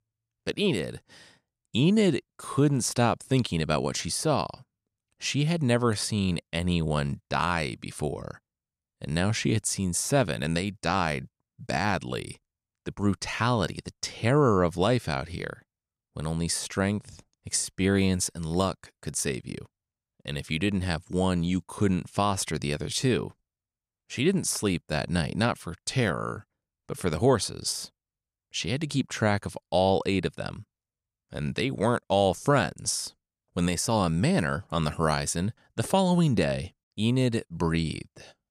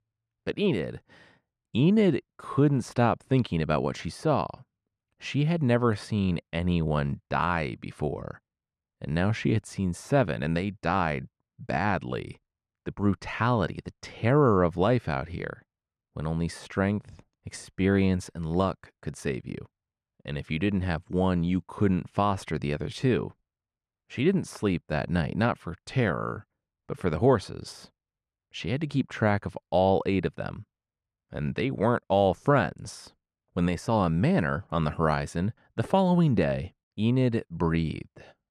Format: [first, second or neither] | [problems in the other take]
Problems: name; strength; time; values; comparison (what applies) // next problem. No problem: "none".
first | muffled; slightly; fading above 4 kHz